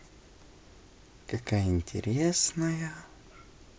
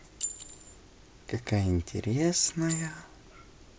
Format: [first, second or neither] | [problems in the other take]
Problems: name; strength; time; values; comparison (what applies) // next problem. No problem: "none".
first | background sound (Chink, clink); 12 dB below the speech